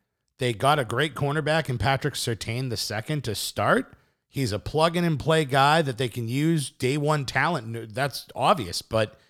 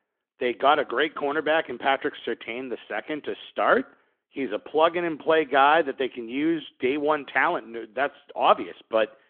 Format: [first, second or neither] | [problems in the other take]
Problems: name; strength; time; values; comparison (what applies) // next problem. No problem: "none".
first | phone-call audio; nothing above 3.5 kHz